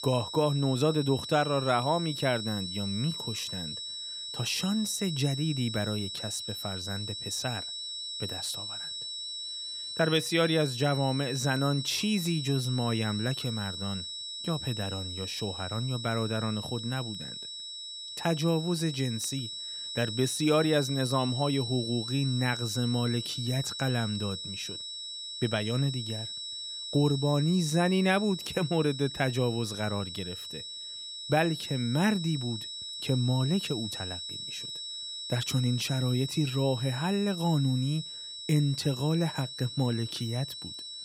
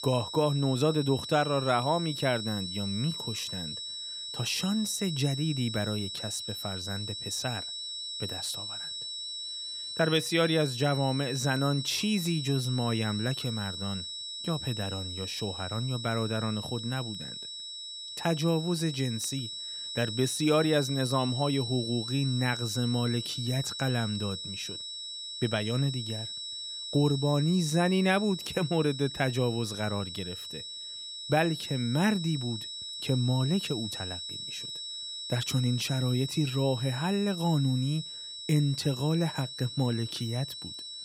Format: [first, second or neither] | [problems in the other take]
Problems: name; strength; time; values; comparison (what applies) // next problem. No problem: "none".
neither | high-pitched whine; loud; throughout; 4 kHz, 6 dB below the speech; the same in both